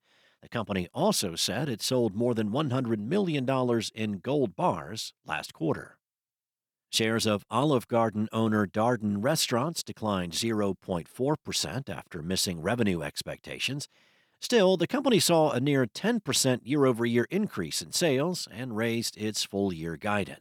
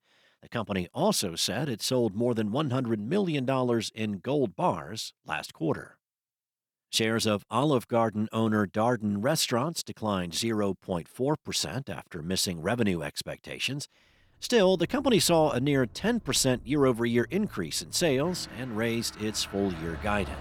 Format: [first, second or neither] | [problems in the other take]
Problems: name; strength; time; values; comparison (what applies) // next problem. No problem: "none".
first | traffic noise; noticeable; from 15 s on; 20 dB below the speech